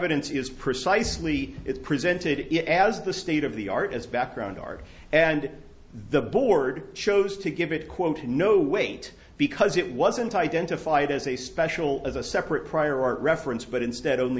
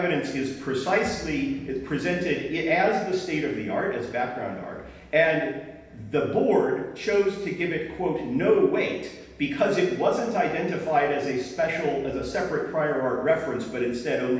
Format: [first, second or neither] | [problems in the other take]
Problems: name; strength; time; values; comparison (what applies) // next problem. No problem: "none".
first | room echo; dies away in 0.9 s